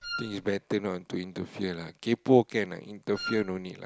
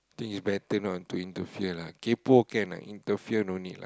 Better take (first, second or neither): second